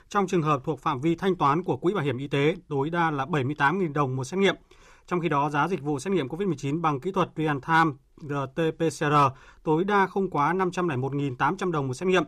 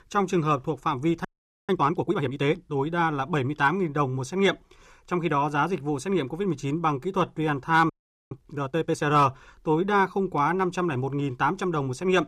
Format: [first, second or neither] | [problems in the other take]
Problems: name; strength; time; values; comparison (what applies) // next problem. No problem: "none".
first | audio freezing; at 1.5 s and at 8 s